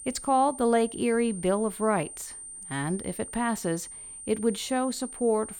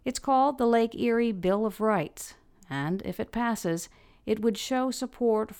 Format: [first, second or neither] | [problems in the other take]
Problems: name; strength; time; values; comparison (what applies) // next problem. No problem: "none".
second | high-pitched whine; noticeable; throughout; 9 kHz, 10 dB below the speech